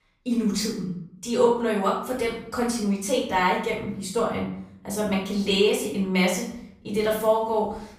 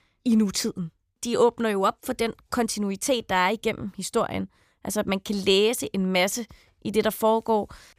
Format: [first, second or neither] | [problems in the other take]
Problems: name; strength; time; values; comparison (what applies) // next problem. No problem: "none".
second | off-mic speech; far // room echo; noticeable; dies away in 0.6 s